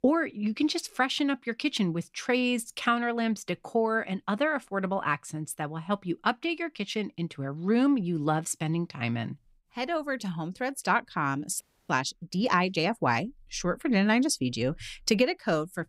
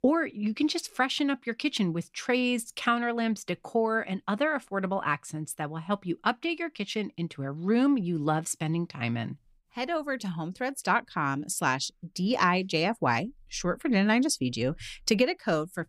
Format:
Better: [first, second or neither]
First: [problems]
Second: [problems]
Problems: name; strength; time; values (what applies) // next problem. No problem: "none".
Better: second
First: audio freezing; at 12 s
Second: none